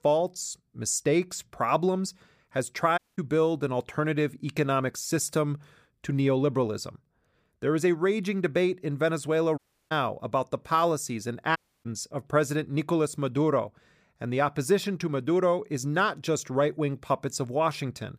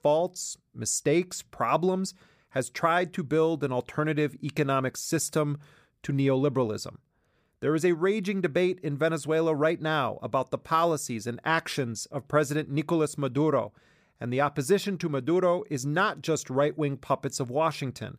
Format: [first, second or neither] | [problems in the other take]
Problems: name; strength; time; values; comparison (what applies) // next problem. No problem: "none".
second | audio cutting out; at 3 s, at 9.5 s and at 12 s